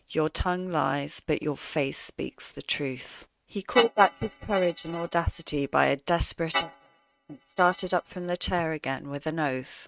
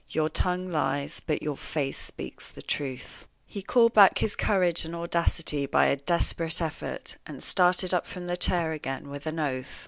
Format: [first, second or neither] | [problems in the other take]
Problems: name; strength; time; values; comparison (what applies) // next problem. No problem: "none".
second | noise reduction (neural mask model RNNoise)